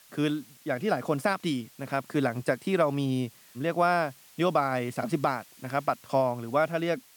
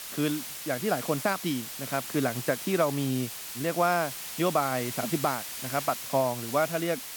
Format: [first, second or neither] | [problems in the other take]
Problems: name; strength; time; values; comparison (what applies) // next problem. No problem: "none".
first | hiss; loud; throughout; 6 dB below the speech; faint in the first